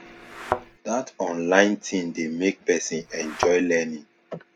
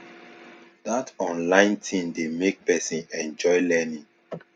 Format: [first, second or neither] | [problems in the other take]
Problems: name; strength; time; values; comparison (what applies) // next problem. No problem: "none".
second | background sound (Thump, thud); 7 dB below the speech